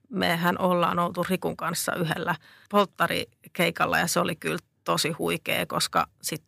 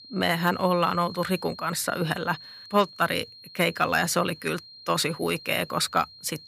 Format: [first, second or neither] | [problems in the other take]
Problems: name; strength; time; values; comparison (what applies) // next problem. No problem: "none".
first | high-pitched whine; noticeable; throughout; 4 kHz, 15 dB below the speech